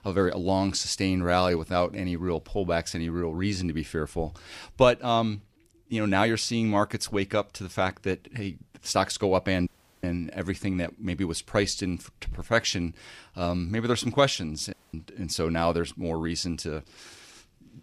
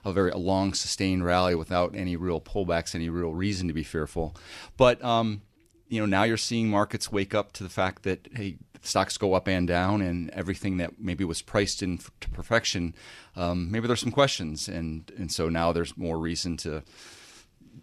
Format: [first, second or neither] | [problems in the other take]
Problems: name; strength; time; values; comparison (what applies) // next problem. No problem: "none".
second | audio cutting out; at 9.5 s and at 15 s